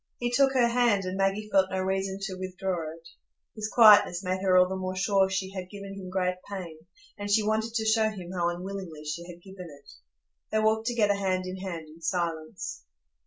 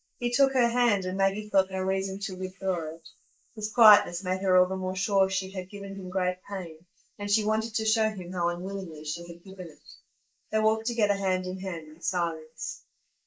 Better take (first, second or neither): first